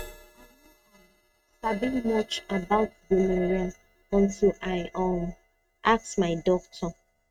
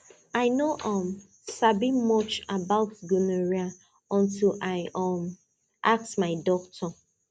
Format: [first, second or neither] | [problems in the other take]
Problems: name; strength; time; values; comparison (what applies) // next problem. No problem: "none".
second | noise reduction (neural mask model RNNoise)